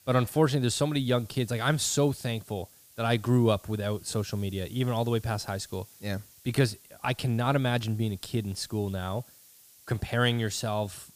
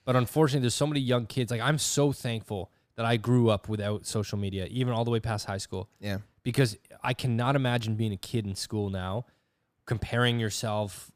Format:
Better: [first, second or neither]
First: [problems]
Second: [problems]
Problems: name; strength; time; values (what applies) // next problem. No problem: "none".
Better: second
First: hiss; faint; throughout; 25 dB below the speech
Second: none